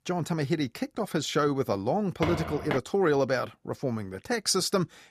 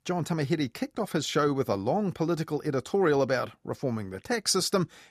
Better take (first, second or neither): second